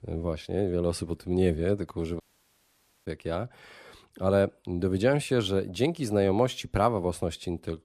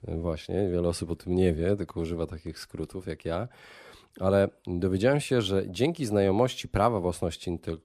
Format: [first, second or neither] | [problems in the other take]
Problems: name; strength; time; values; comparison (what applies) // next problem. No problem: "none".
second | audio cutting out; at 2 s for 1 s